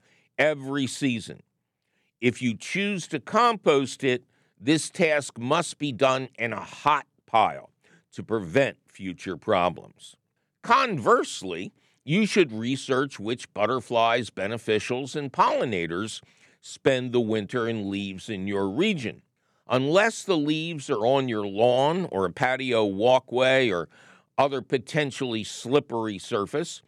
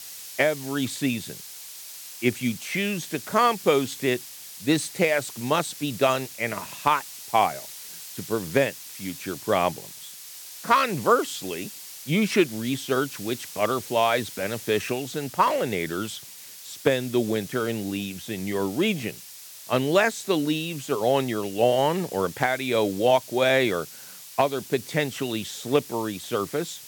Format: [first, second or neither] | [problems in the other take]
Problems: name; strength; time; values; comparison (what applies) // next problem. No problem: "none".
first | hiss; noticeable; throughout; 15 dB below the speech